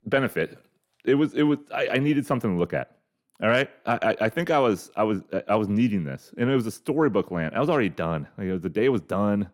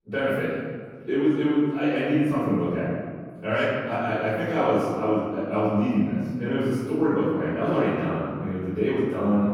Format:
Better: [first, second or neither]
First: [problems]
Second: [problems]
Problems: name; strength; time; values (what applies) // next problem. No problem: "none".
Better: first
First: none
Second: off-mic speech; far // room echo; strong; dies away in 1.8 s